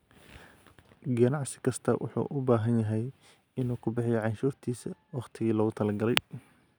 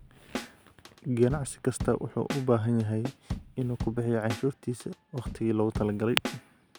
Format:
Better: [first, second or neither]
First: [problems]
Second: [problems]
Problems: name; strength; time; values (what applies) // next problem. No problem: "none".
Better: first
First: none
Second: background sound (Drum / Drum kit); 10 dB below the speech